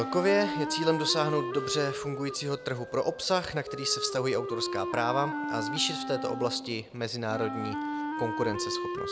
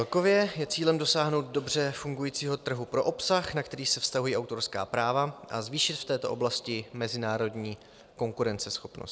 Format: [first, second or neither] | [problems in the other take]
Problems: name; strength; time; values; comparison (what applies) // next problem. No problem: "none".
second | background sound (Wind instrument, woodwind instrument); 4 dB below the speech